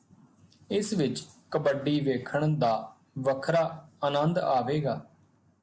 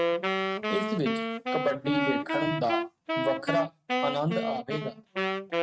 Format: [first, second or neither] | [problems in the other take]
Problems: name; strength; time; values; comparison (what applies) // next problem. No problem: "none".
first | noise reduction (neural mask model RNNoise)